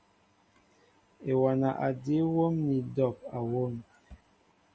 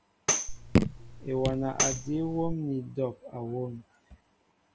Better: first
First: none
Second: background sound (Raindrop / Drip + Tambourine); 3 dB above the speech

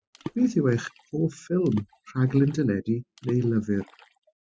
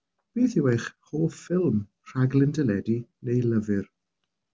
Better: second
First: noise reduction (classical method spectral subtraction)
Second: none

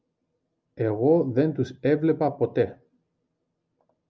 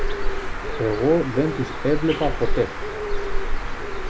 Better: first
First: none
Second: background sound (Bird); 2 dB above the speech

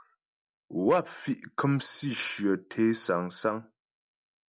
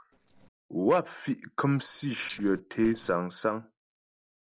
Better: first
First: none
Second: noise reduction (neural separator model SepFormer DNS4)

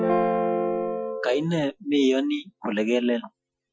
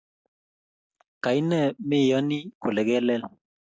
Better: second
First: noise reduction (classical method Wiener filter)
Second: none

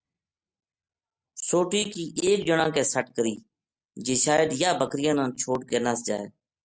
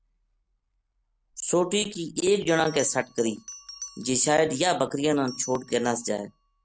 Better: first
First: none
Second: background sound (Bell); 20 dB below the speech

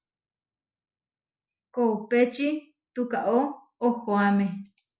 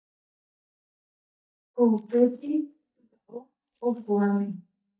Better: first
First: none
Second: noise reduction (neural mask model DeepFilterNet 3)

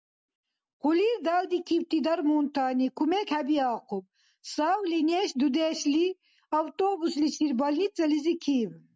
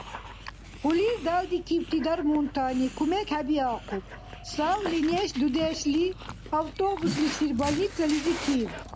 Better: first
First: none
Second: background sound (Dog); 11 dB below the speech

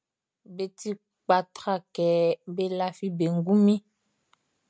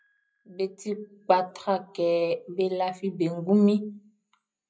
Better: first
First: none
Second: noise reduction (classical method WPE with log-MMSE)

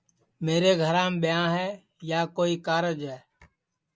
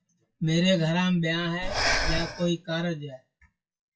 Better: first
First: none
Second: noise reduction (classical method WPE with log-MMSE)

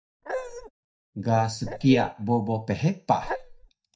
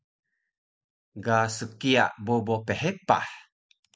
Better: second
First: noise reduction (neural mask model DeepFilterNet 3)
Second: none

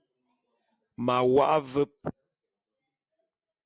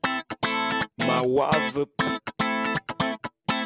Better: first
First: none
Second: background sound (Guitar); 2 dB above the speech

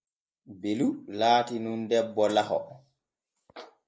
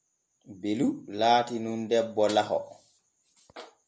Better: second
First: noise reduction (neural mask model Resemble Enhance denoiser)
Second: none

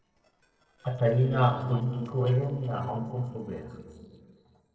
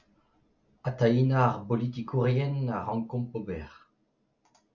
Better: second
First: noise reduction (neural separator model SepFormer DNS4)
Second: none

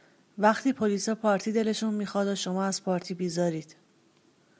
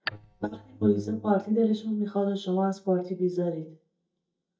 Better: first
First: none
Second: noise reduction (neural mask model DeepFilterNet 3)

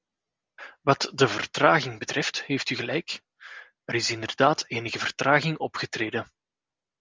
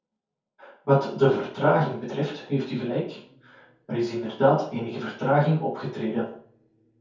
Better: first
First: none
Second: room echo; dies away in 0.6 s

